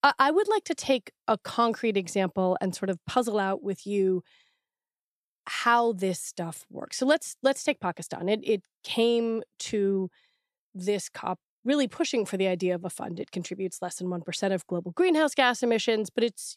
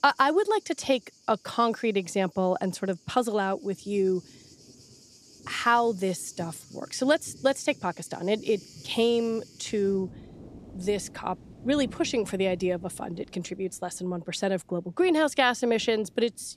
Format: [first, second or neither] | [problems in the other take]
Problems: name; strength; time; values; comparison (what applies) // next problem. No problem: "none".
first | rain or running water; faint; throughout; 20 dB below the speech